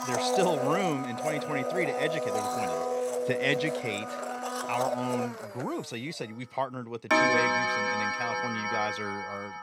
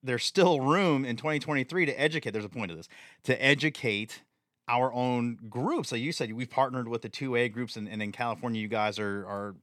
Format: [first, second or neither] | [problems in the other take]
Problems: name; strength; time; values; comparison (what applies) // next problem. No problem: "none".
second | household noises; very loud; throughout; 4 dB above the speech